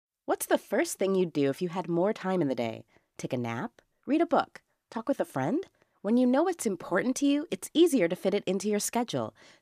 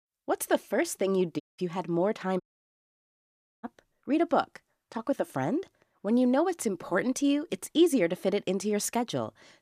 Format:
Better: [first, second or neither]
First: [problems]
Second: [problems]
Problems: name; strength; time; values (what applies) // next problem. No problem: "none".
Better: first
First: none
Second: audio cutting out; at 1.5 s and at 2.5 s for 1 s